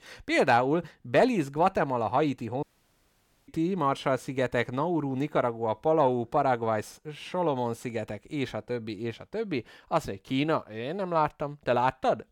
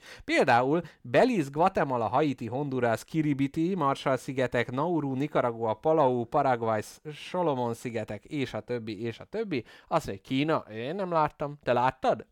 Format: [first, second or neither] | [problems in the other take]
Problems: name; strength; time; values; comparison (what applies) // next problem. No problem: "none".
second | audio cutting out; at 2.5 s for 1 s